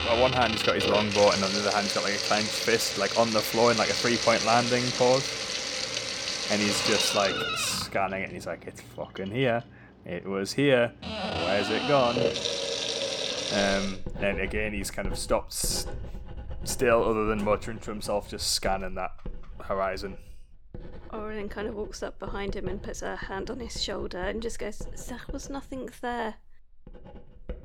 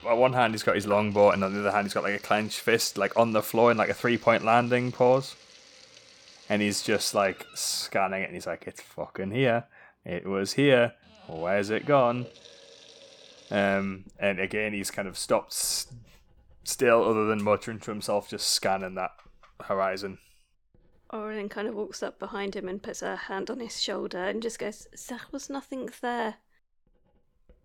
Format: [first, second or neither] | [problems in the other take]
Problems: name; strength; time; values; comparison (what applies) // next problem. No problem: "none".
second | household noises; loud; throughout; 1 dB below the speech; faint in the second